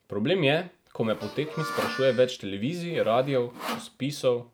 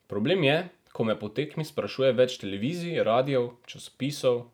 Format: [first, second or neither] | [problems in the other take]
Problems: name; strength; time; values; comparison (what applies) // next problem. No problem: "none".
second | background sound (Sawing + Harmonica); 11 dB below the speech